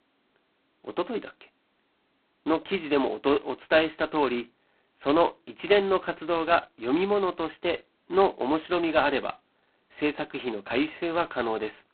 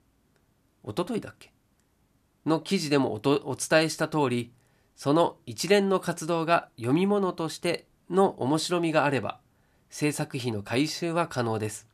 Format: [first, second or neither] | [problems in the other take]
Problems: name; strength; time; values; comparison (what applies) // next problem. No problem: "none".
second | phone-call audio; poor line; nothing above 4 kHz